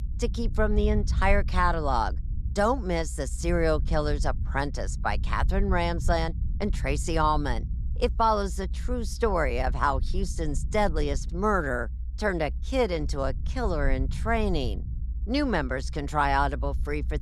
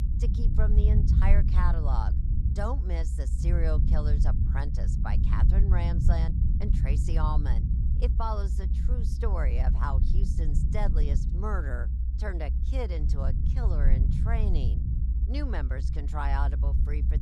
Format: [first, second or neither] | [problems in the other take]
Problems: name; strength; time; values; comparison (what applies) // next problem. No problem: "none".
first | low rumble; loud; throughout; 5 dB below the speech; faint in the first